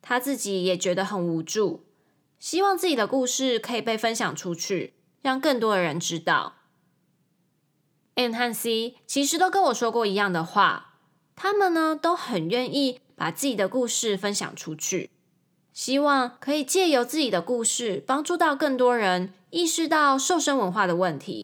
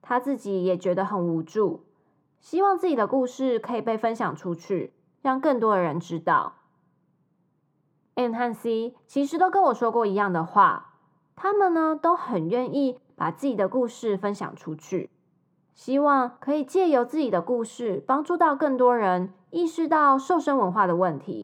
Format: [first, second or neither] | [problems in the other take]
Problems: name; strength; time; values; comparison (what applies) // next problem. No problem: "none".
first | muffled; very; fading above 2 kHz